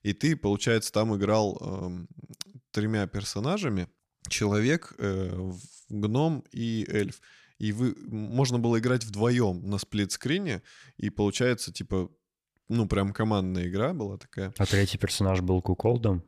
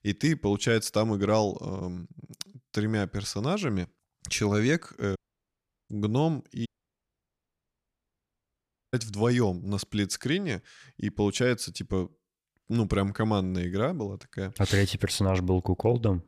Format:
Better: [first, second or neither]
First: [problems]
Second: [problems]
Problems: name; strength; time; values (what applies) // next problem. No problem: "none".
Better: first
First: none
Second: audio cutting out; at 5 s for 0.5 s and at 6.5 s for 2.5 s